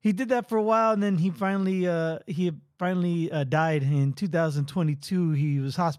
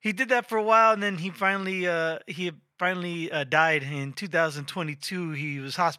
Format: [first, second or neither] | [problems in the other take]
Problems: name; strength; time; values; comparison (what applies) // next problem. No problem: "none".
first | thin; somewhat; fading below 700 Hz